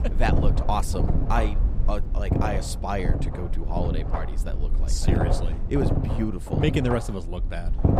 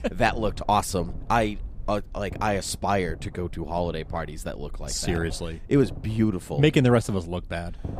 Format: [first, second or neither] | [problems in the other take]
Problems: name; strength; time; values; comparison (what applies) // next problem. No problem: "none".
second | low rumble; loud; throughout; 3 dB below the speech; faint in the second